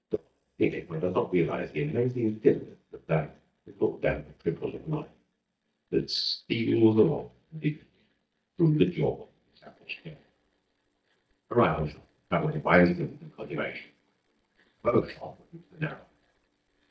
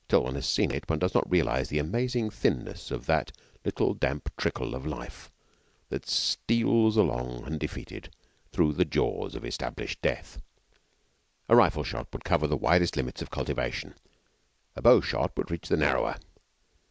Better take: second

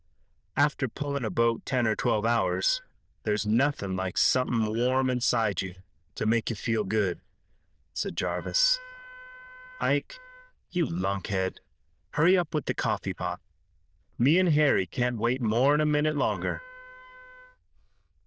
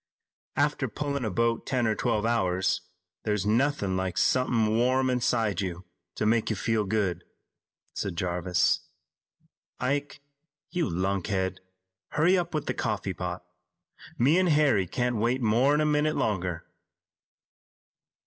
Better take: second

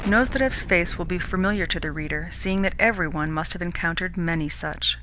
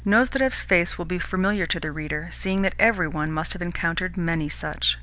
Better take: second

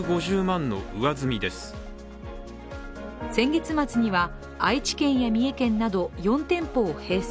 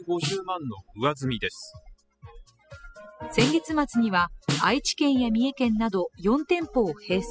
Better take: first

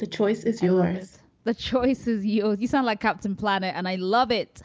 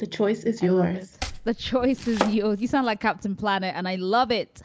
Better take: first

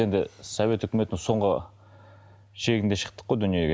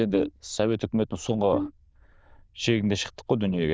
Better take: first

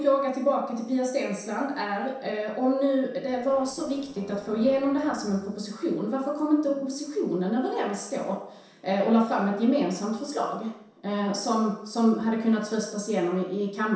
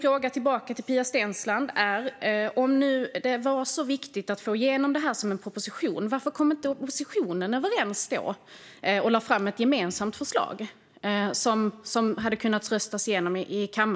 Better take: second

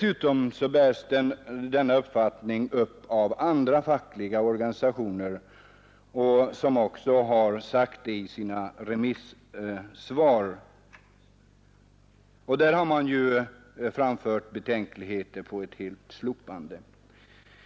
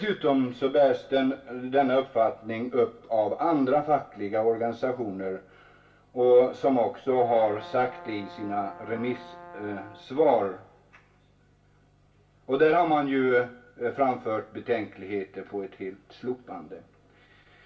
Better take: first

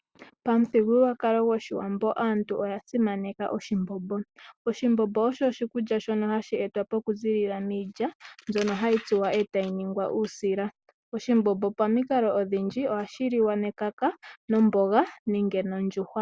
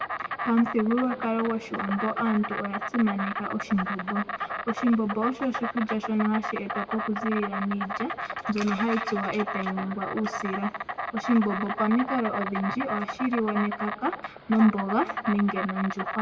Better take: first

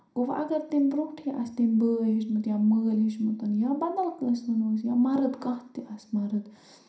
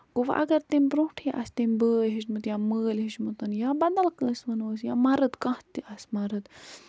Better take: second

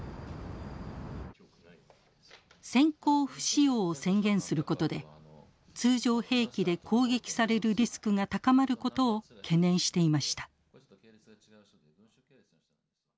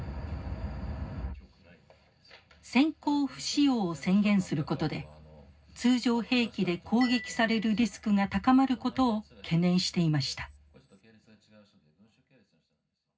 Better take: first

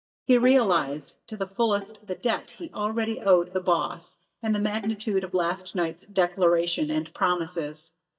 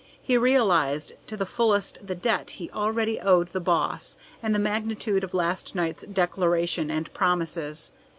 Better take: second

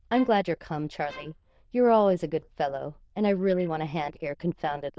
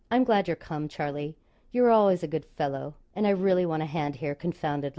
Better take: second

